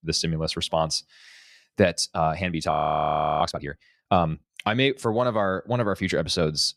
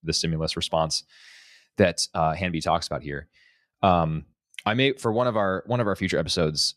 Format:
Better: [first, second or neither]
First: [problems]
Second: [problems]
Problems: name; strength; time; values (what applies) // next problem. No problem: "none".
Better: second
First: audio freezing; at 2.5 s for 0.5 s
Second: none